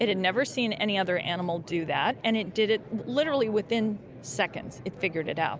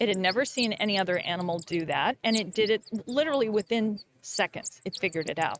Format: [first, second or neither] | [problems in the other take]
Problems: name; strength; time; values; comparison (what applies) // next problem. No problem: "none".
first | noise reduction (neural mask model RNNoise)